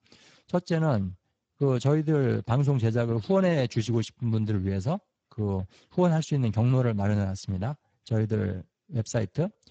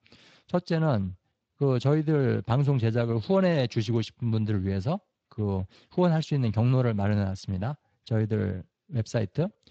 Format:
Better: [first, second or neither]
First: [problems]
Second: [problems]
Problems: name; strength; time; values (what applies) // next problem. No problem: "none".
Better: second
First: garbled, watery; badly; nothing above 7.5 kHz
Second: garbled, watery; slightly; nothing above 7.5 kHz